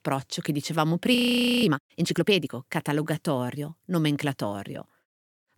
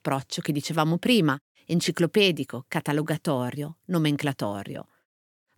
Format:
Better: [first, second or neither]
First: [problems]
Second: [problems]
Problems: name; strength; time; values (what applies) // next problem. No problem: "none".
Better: second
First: audio freezing; at 1 s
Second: none